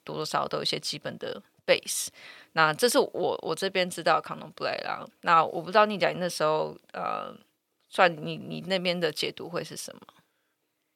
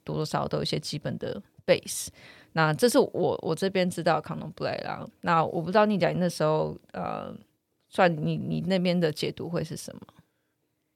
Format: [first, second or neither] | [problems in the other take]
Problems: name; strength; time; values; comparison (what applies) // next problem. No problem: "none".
second | thin; somewhat; fading below 1 kHz